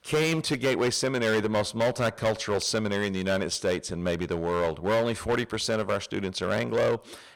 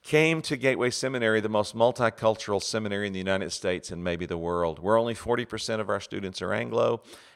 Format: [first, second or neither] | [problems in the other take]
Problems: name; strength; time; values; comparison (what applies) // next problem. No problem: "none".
second | distortion; heavy; 11% of the sound clipped